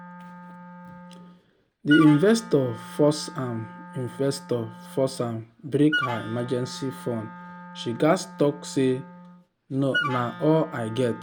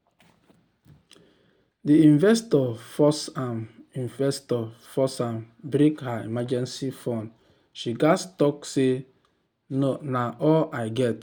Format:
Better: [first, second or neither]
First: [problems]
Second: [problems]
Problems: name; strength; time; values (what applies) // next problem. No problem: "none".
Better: second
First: background sound (Wind instrument, woodwind instrument); 11 dB below the speech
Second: none